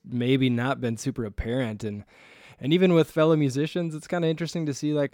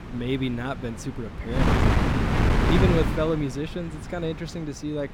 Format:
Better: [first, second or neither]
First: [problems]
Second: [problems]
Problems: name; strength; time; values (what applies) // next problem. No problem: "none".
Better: first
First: none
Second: wind noise on the microphone; heavy; 4 dB above the speech